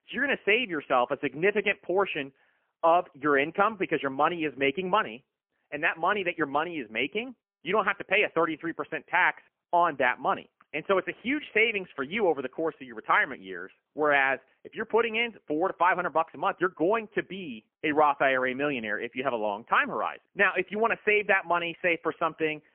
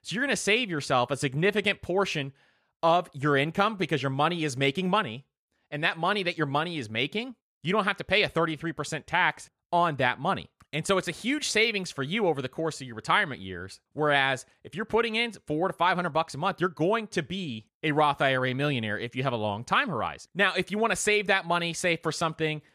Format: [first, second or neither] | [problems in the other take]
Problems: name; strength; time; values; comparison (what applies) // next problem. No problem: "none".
second | phone-call audio; poor line; nothing above 3 kHz